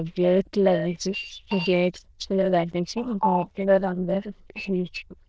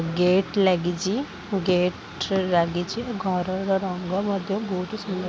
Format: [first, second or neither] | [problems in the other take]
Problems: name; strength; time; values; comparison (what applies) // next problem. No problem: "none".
second | noise reduction (neural diffusion model UNIVERSE++)